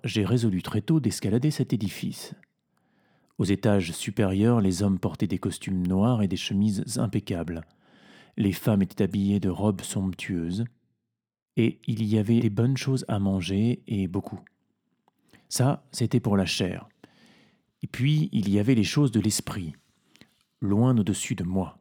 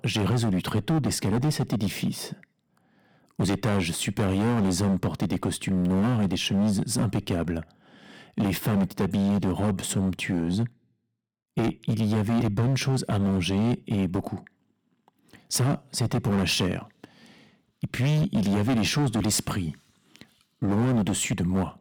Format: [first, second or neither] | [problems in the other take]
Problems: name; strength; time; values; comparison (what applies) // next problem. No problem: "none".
first | distortion; heavy; 14% of the sound clipped